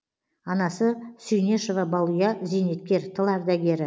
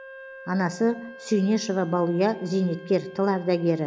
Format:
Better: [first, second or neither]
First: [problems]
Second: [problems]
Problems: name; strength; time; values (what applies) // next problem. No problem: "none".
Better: first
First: none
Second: background sound (Wind instrument, woodwind instrument); 19 dB below the speech